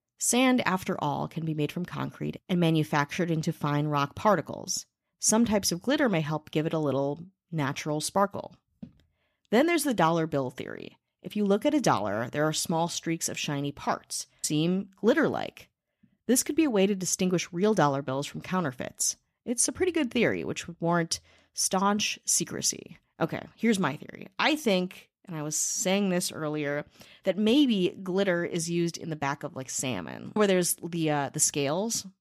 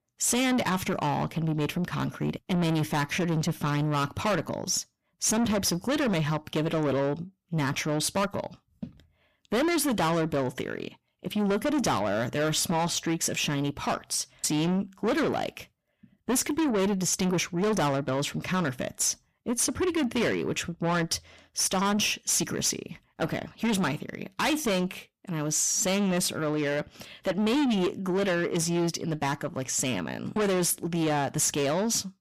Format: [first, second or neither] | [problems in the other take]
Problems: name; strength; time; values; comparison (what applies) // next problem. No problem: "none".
first | distortion; heavy; 6 dB below the speech